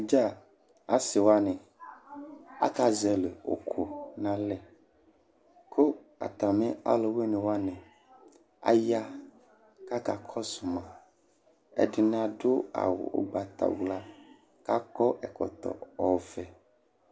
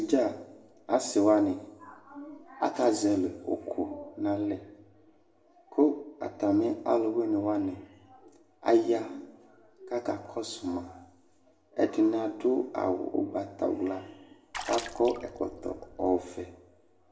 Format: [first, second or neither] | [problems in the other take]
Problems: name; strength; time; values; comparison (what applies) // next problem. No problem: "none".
first | background sound (Water / Splash, splatter); 13 dB below the speech // room echo; dies away in 0.6 s